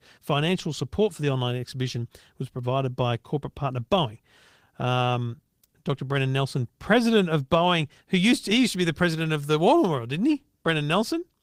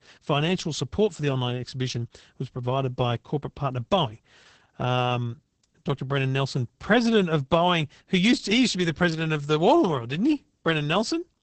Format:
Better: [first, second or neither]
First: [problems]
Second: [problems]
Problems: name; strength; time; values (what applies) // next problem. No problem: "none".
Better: first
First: garbled, watery; slightly; nothing above 15.5 kHz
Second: garbled, watery; badly; nothing above 8 kHz